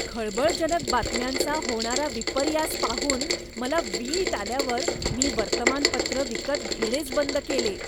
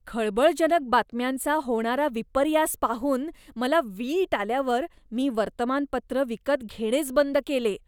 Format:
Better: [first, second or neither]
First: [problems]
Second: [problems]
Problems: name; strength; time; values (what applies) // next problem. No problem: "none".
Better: second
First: background sound (Rain); 1 dB below the speech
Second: none